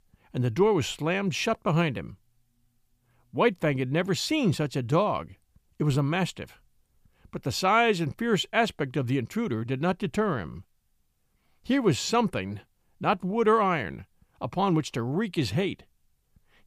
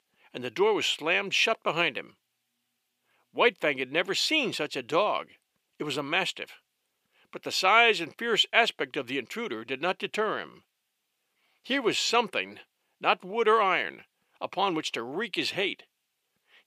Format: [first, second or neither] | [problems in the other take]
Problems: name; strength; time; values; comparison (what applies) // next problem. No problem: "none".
first | thin; somewhat; fading below 400 Hz